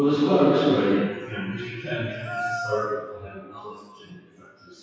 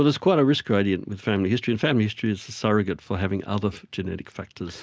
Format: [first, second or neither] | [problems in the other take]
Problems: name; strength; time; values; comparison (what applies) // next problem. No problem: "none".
second | noise reduction (classical method WPE with log-MMSE)